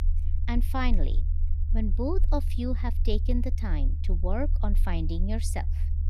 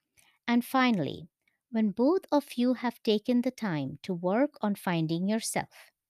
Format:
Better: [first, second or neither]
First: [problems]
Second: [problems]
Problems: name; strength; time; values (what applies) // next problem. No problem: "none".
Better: second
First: low rumble; noticeable; throughout; 15 dB below the speech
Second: none